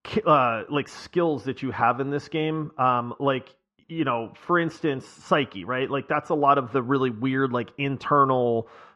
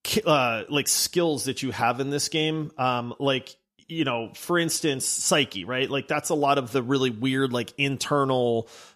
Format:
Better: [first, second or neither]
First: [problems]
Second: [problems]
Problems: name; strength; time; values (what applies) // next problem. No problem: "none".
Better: second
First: muffled; very; fading above 1.5 kHz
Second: none